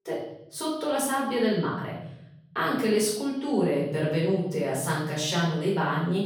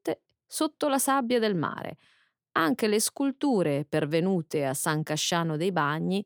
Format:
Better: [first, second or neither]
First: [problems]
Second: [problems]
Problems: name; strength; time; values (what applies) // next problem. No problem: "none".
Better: second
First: off-mic speech; far // room echo; noticeable; dies away in 1 s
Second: none